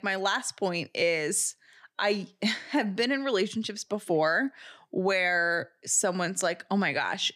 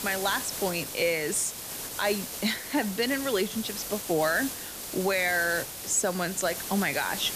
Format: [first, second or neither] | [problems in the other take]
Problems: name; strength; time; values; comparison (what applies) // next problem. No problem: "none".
first | hiss; loud; throughout; 6 dB below the speech